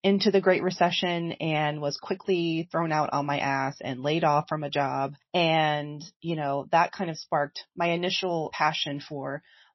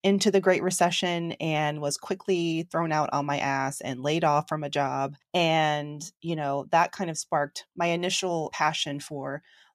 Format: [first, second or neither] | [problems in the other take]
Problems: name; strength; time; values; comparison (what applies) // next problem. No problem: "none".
second | garbled, watery; slightly; nothing above 5.5 kHz